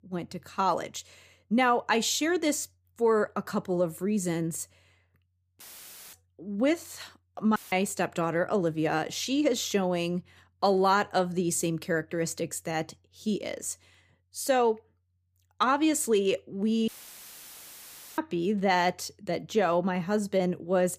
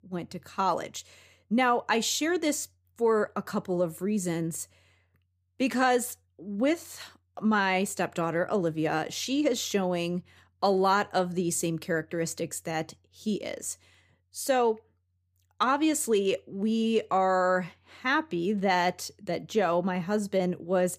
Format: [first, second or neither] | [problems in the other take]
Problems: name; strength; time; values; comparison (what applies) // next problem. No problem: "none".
second | audio cutting out; filled with static; at 5.5 s for 0.5 s, at 7.5 s and at 17 s for 1.5 s